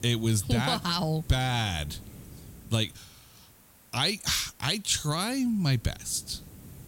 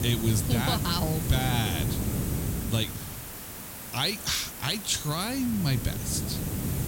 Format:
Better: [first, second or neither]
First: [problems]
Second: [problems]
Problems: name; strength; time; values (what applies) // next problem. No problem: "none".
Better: first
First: hiss; faint; throughout; 20 dB below the speech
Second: hiss; loud; throughout; 3 dB below the speech